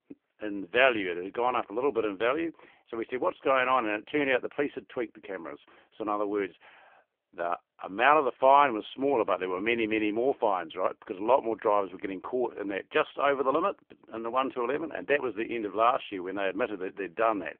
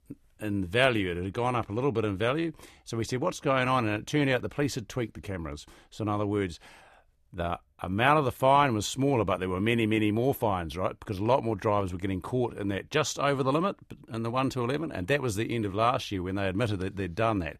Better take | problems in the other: second | phone-call audio; poor line; nothing above 3 kHz

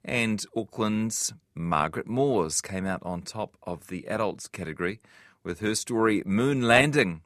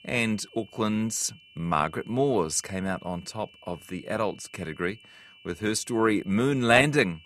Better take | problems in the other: first | high-pitched whine; faint; throughout; 3 kHz, 25 dB below the speech

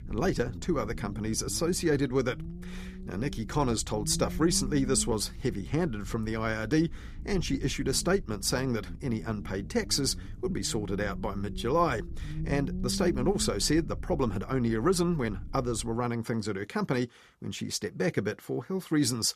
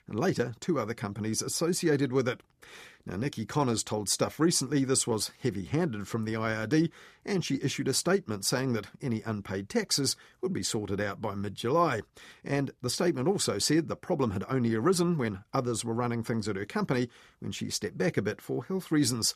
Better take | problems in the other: second | low rumble; noticeable; until 16 s; 20 dB below the speech

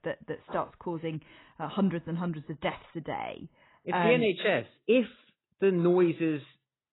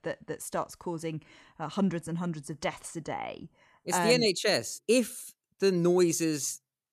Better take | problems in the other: second | garbled, watery; badly; nothing above 4 kHz

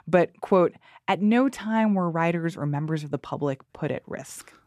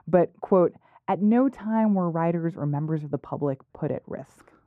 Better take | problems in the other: first | muffled; very; fading above 2 kHz

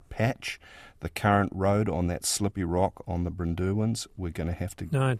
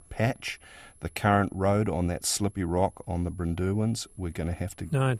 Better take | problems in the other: first | high-pitched whine; faint; throughout; 11 kHz, 30 dB below the speech

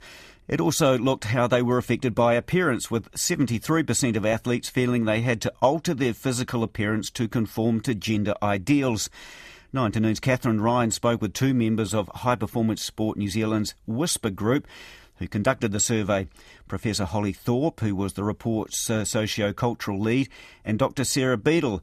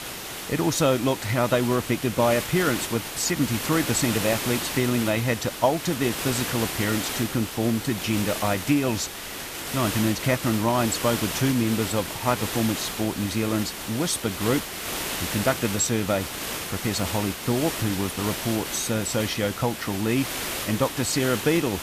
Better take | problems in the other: first | hiss; loud; throughout; 5 dB below the speech

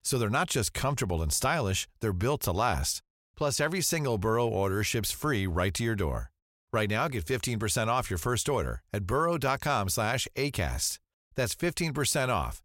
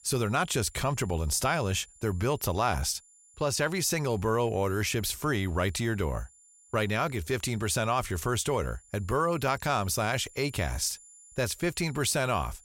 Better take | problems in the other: first | high-pitched whine; faint; throughout; 7 kHz, 25 dB below the speech

